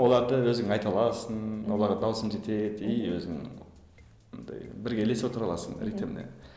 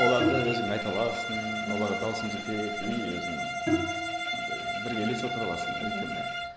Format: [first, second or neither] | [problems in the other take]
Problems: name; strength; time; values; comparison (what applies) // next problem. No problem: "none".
first | background sound (Bowed string instrument + Bowed string instrument); 1 dB above the speech